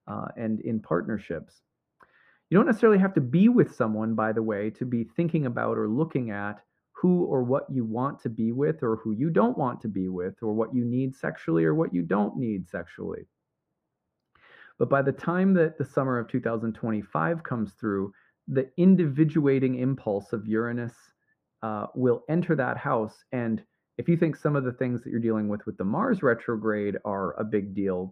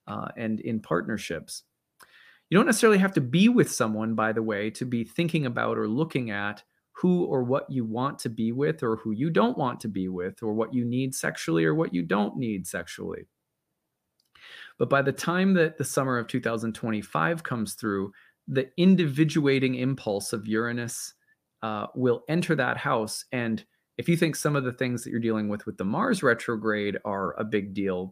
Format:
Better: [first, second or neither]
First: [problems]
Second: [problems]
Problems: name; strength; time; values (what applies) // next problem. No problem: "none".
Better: second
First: muffled; very; fading above 3 kHz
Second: none